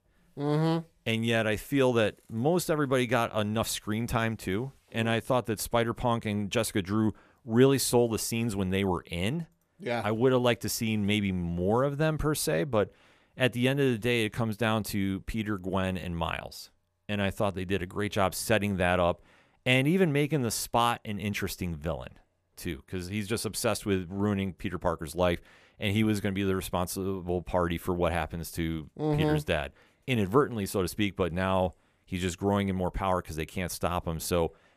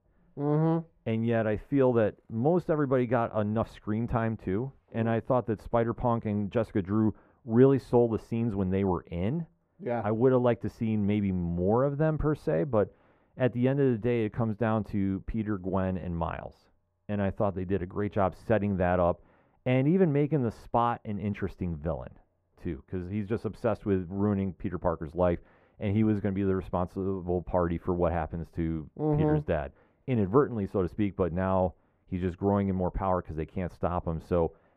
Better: first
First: none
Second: muffled; very; fading above 3 kHz

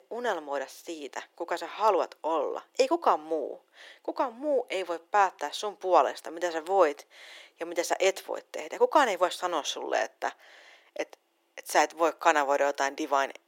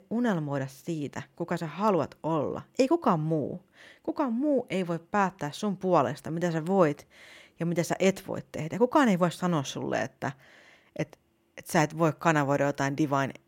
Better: second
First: thin; very; fading below 350 Hz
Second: none

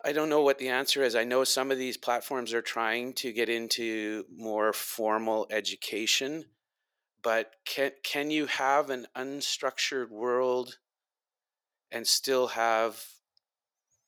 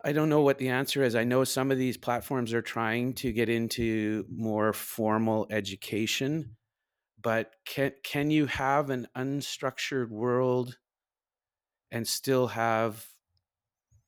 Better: second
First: thin; somewhat; fading below 450 Hz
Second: none

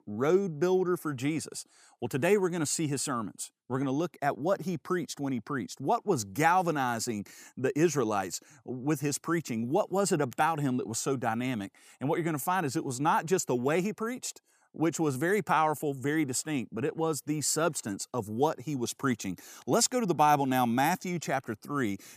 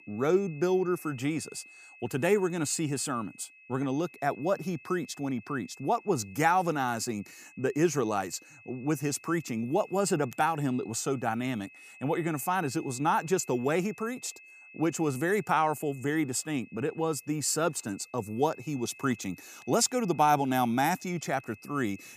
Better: first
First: none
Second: high-pitched whine; faint; throughout; 2.5 kHz, 20 dB below the speech

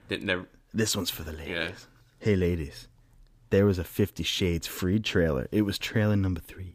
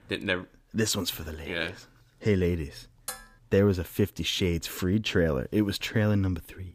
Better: first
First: none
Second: clattering dishes; faint; at 3 s; peak 10 dB below the speech

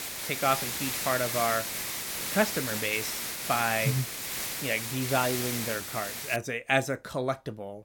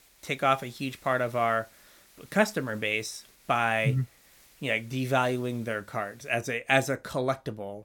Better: second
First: hiss; loud; until 6.5 s; 2 dB below the speech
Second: hiss; faint; until 6.5 s; 25 dB below the speech

